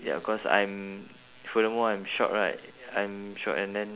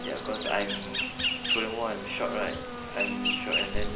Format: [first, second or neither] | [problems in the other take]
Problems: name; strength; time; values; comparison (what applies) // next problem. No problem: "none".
first | background sound (Insect); 2 dB above the speech // room echo; dies away in 0.5 s